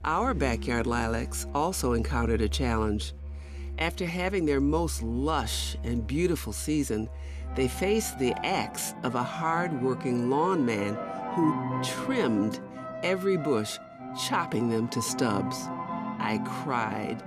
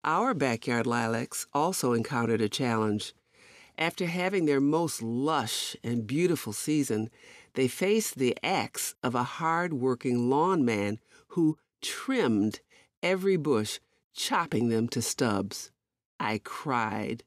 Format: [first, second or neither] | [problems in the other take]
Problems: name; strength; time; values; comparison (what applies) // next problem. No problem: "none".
second | background music; loud; throughout; 7 dB below the speech